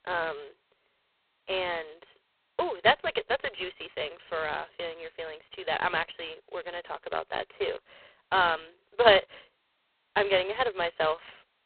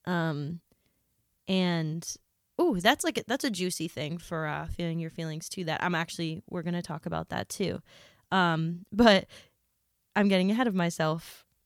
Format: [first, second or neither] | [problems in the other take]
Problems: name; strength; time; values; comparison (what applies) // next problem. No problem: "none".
second | phone-call audio; poor line; nothing above 4 kHz